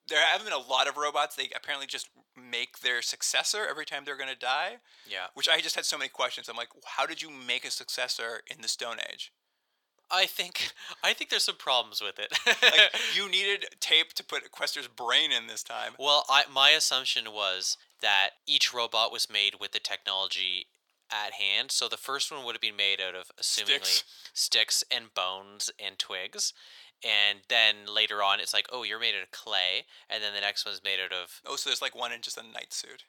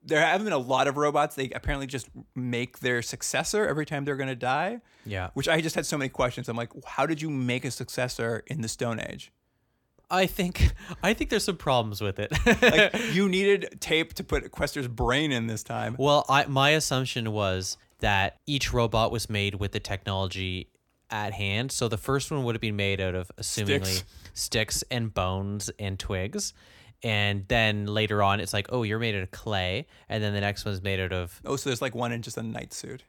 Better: second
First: thin; very; fading below 750 Hz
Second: none

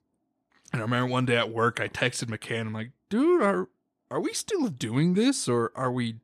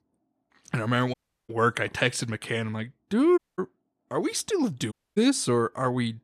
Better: first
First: none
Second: audio cutting out; at 1 s, at 3.5 s and at 5 s

